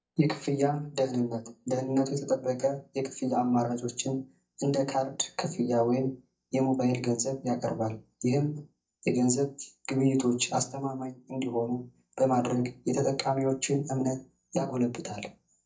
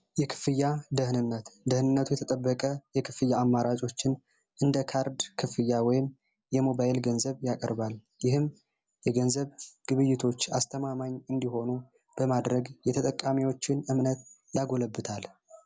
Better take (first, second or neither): second